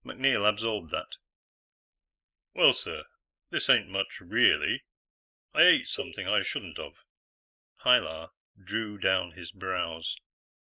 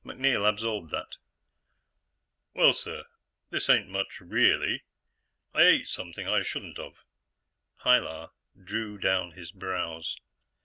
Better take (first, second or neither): second